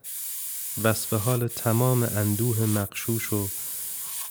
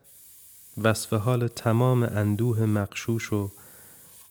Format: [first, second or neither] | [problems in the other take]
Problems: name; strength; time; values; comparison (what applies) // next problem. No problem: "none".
second | hiss; loud; throughout; 4 dB below the speech; faint in the second